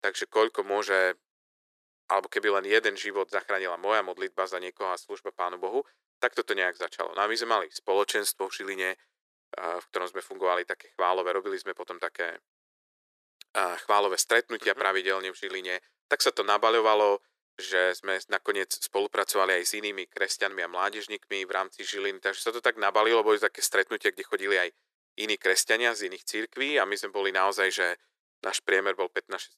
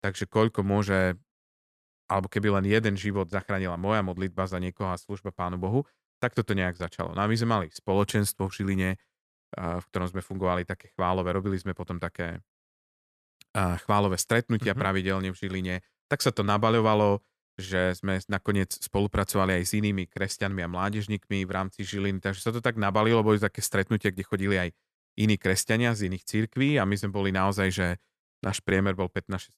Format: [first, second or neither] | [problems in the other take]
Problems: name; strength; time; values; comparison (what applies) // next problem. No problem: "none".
second | thin; very; fading below 350 Hz